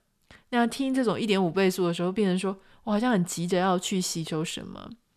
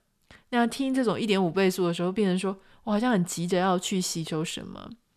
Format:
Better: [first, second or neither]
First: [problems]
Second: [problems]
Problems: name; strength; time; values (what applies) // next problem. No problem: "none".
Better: neither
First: none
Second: none